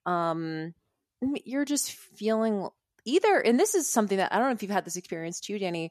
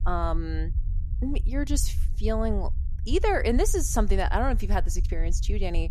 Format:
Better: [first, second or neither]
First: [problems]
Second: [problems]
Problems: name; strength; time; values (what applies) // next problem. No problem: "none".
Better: first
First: none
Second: low rumble; faint; throughout; 20 dB below the speech